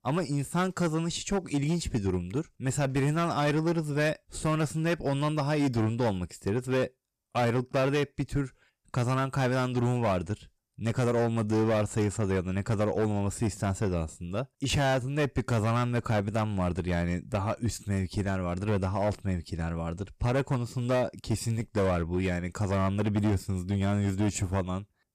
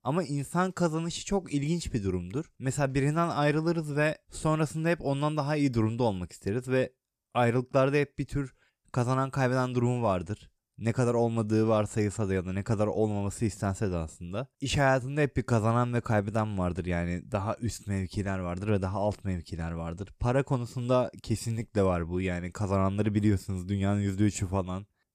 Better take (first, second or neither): second